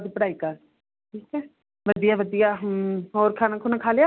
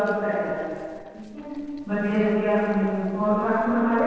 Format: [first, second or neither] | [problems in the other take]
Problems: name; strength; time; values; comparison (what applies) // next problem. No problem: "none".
first | noise reduction (neural separator model SepFormer DNS4)